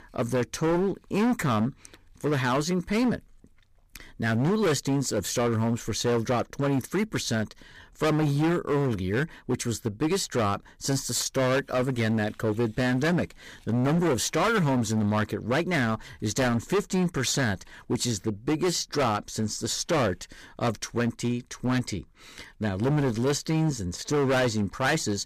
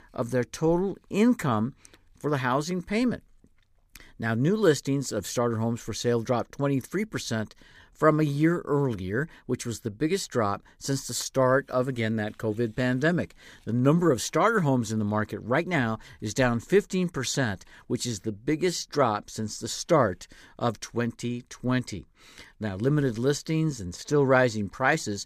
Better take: second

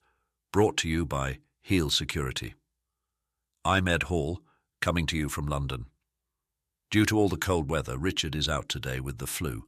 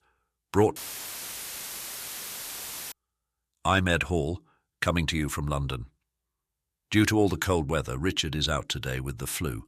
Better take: first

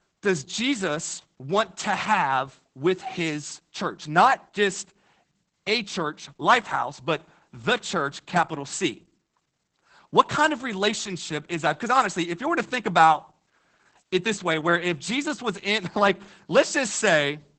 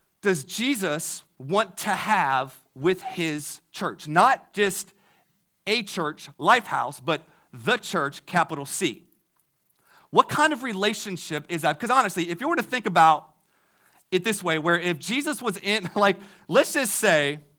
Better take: second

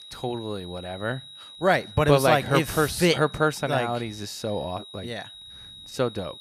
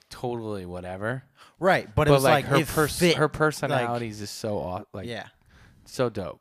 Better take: second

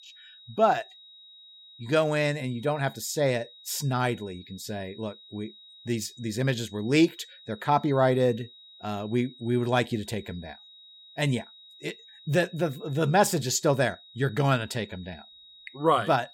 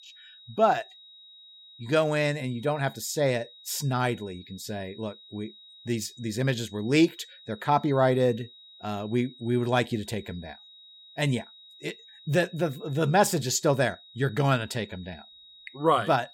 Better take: neither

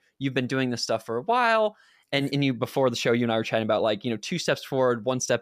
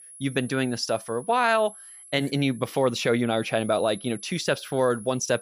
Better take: first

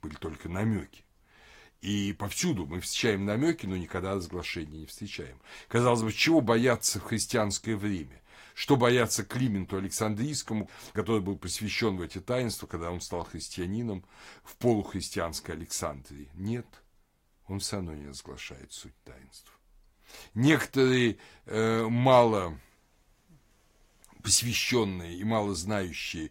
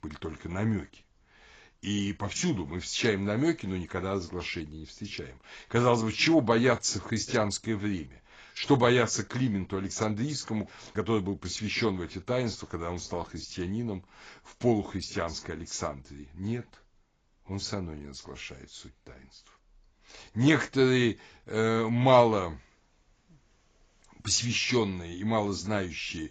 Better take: first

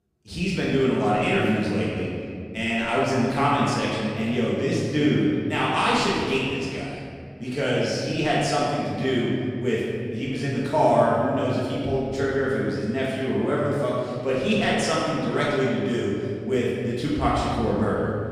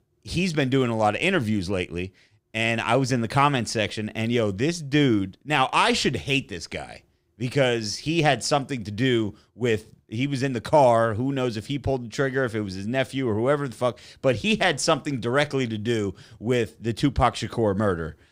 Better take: second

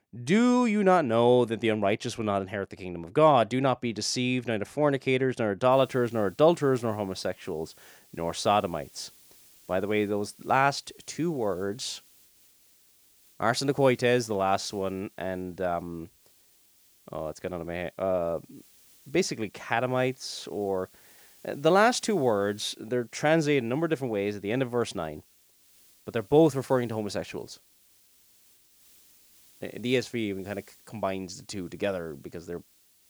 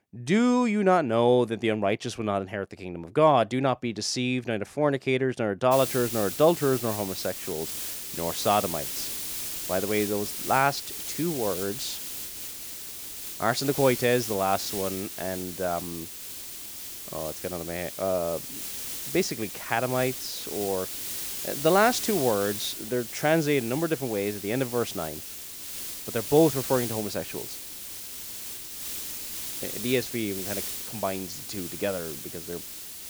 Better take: first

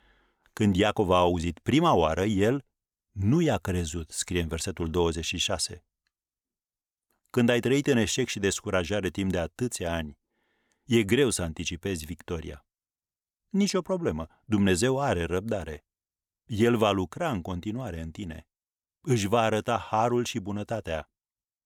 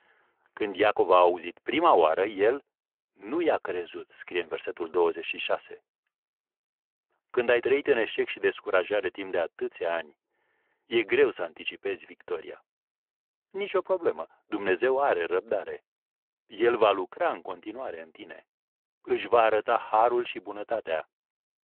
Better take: first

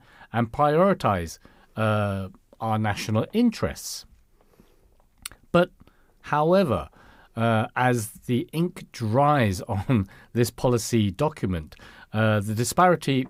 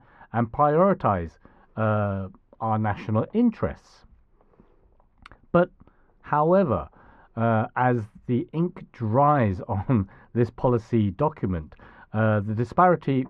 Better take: first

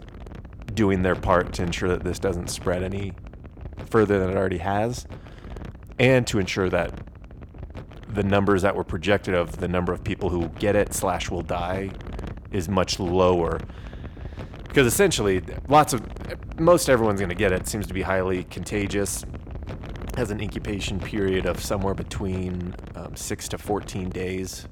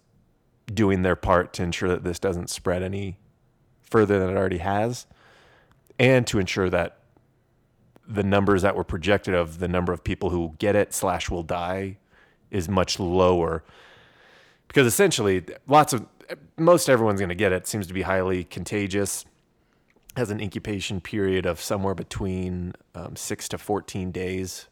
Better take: second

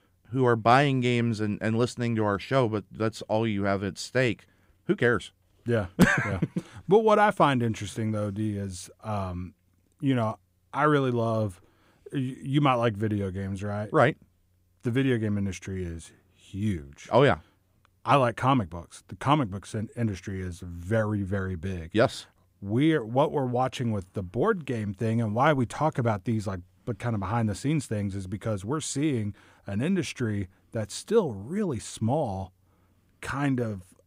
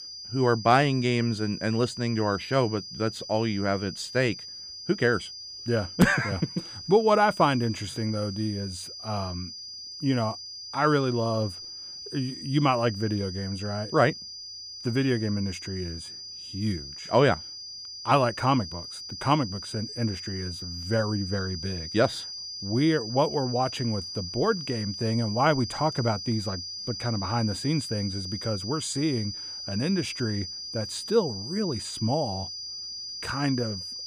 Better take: first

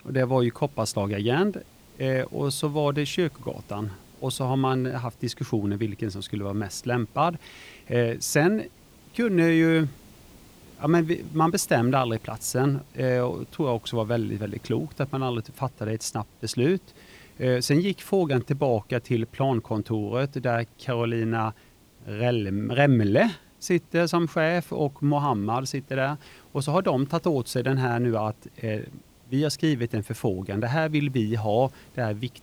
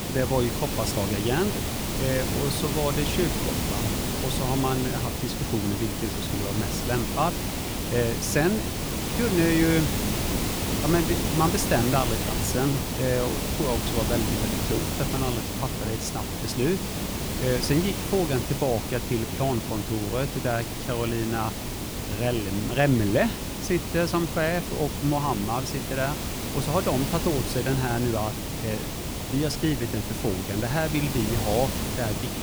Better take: first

